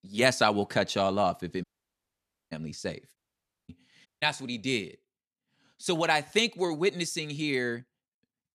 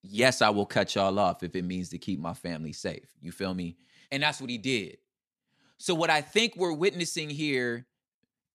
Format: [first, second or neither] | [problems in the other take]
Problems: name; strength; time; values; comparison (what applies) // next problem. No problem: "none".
second | audio cutting out; at 1.5 s for 1 s, at 3 s for 0.5 s and at 4 s